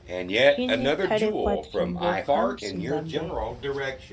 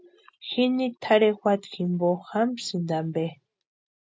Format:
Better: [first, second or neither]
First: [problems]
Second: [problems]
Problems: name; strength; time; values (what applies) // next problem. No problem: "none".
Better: second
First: background sound (Fart); 5 dB above the speech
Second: none